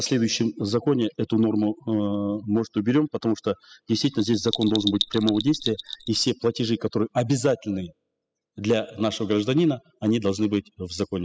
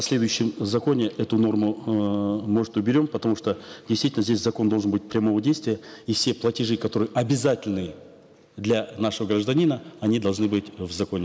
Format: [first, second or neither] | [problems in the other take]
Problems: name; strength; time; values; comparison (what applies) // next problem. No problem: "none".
second | noise reduction (classical method spectral subtraction)